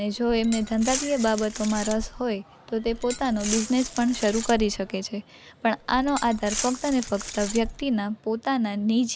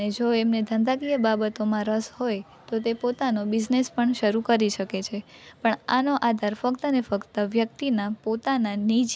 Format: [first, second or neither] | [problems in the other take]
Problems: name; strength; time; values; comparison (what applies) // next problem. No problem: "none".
second | background sound (Glass); 10 dB below the speech